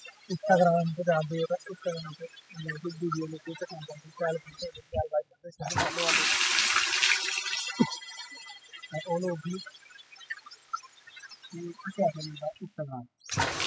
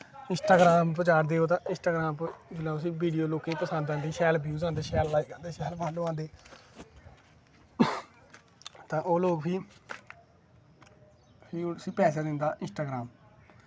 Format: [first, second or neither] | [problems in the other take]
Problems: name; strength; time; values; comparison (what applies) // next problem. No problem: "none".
second | noise reduction (classical method spectral subtraction)